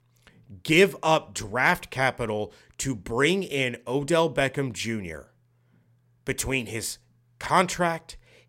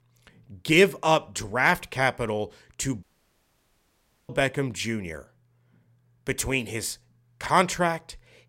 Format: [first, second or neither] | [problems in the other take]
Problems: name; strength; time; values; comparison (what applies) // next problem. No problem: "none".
first | audio cutting out; at 3 s for 1.5 s